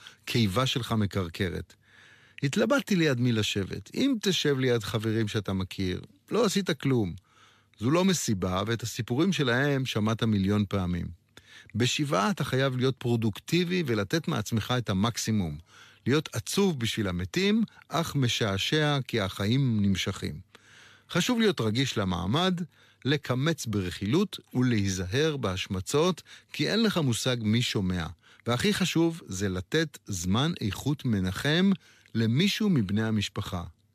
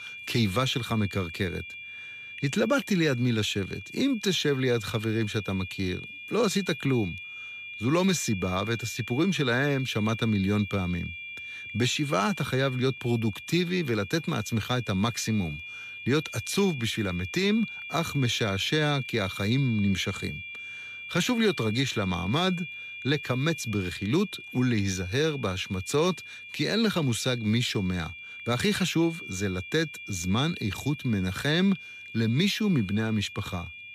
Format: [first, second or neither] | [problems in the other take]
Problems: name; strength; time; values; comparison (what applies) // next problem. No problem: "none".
first | high-pitched whine; noticeable; throughout; 2.5 kHz, 10 dB below the speech